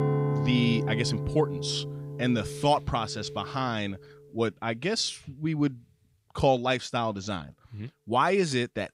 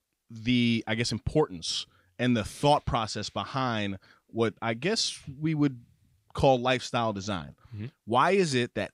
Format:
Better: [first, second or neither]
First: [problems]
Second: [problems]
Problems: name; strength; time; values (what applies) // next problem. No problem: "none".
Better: second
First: background music; loud; throughout; 4 dB below the speech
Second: none